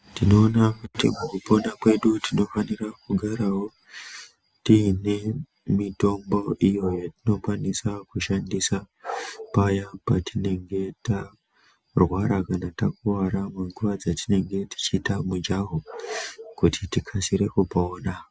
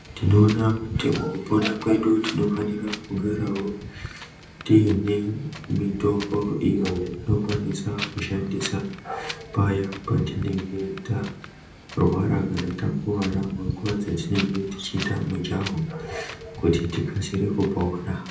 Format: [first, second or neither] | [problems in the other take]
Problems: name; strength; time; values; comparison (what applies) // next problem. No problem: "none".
first | background sound (Wind); 13 dB below the speech // room echo; dies away in 0.6 s